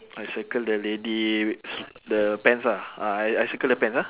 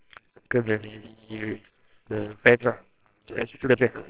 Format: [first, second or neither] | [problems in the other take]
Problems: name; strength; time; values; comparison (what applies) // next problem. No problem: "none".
first | noise reduction (neural separator model SepFormer WHAMR!)